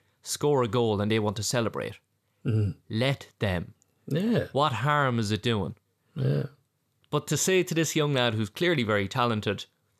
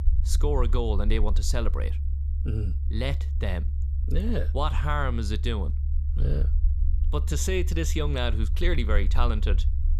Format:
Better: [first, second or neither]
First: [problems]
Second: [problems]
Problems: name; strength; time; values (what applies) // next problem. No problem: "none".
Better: first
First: none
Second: low rumble; noticeable; throughout; 15 dB below the speech